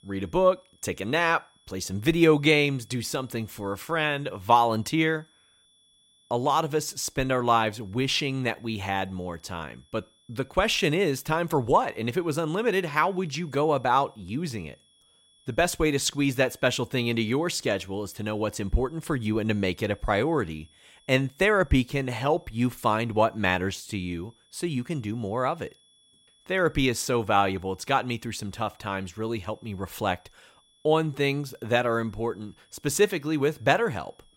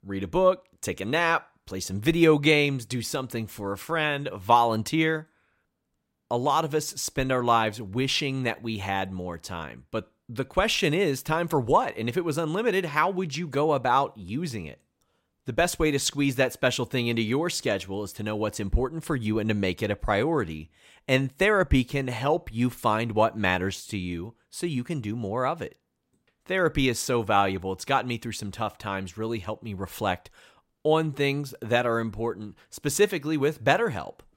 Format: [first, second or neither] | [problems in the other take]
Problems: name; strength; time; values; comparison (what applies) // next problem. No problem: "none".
second | high-pitched whine; faint; throughout; 3.5 kHz, 35 dB below the speech